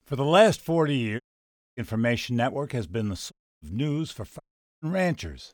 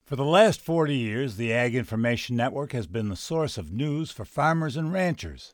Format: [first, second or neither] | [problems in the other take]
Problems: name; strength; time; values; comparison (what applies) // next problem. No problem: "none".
second | audio cutting out; at 1 s for 0.5 s, at 3.5 s and at 4.5 s